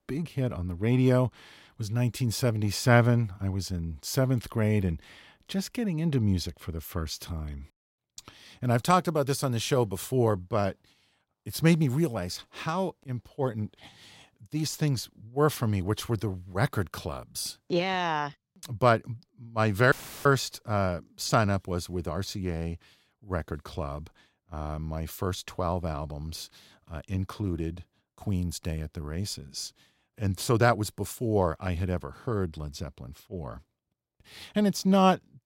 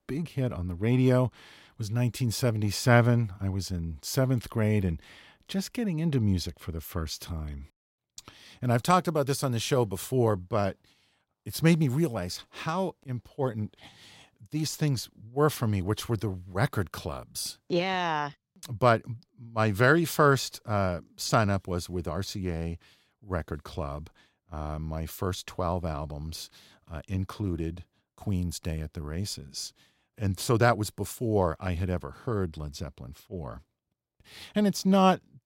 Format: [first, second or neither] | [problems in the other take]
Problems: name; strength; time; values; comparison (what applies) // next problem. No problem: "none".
second | audio cutting out; filled with static; at 20 s